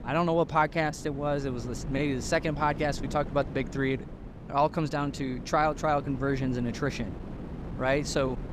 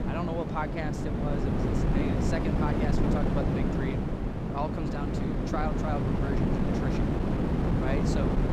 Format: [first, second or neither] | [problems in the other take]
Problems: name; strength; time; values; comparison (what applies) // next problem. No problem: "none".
first | wind noise on the microphone; heavy; 2 dB above the speech; occasional gusts in the first